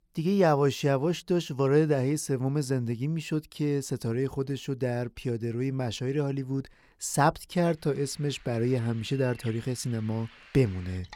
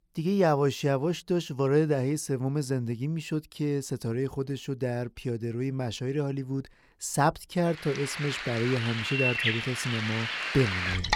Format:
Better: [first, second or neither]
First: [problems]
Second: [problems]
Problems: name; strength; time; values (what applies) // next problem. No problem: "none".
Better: first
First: rain or running water; faint; from 8 s on; 25 dB below the speech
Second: rain or running water; loud; from 8 s on; 1 dB below the speech